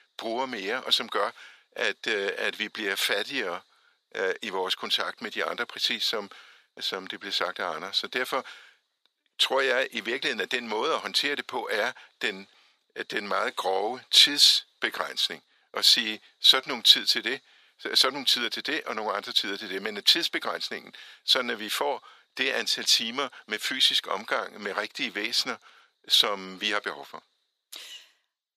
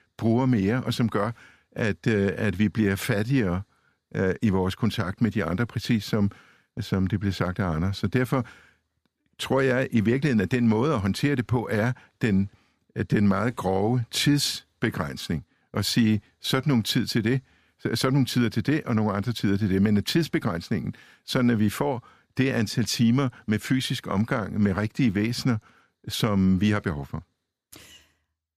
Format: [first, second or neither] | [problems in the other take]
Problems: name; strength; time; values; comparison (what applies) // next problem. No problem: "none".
second | thin; very; fading below 500 Hz